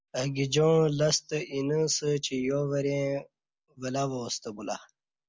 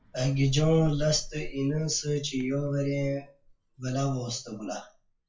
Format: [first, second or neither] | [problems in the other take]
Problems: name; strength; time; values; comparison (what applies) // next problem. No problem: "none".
first | noise reduction (classical method WPE with log-MMSE)